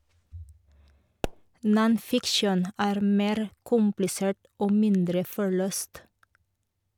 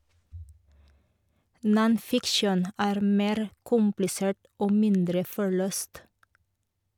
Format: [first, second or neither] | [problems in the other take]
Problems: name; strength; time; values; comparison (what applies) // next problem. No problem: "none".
second | background sound (Explosion); 13 dB below the speech